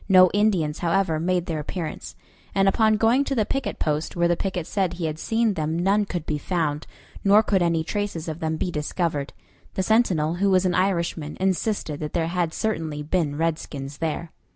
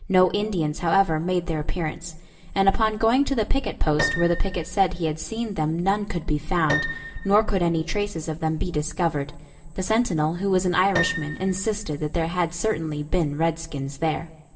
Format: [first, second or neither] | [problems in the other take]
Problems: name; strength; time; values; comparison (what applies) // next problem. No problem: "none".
first | background sound (Piano); 11 dB below the speech // room echo; dies away in 2.6 s